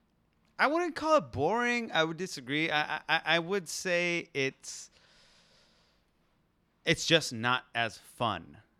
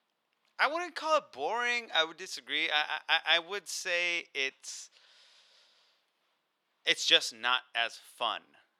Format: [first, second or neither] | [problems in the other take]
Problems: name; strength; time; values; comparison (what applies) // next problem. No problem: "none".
first | thin; very; fading below 600 Hz